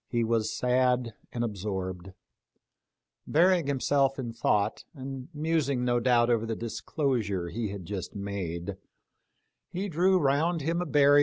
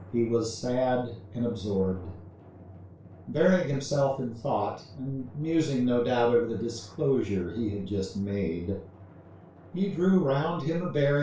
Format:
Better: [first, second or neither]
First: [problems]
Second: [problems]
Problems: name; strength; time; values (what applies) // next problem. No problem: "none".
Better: first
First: none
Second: background sound (Drum); 20 dB below the speech // room echo; dies away in 0.3 s